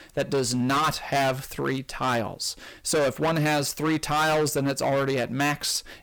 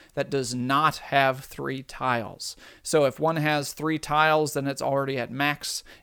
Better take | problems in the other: second | distortion; heavy; 16% of the sound clipped

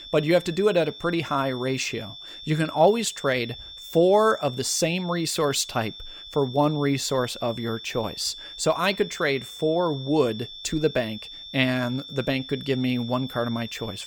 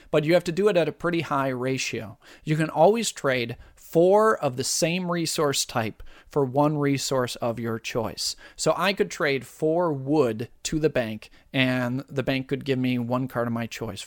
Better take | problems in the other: second | high-pitched whine; noticeable; throughout; 3.5 kHz, 15 dB below the speech

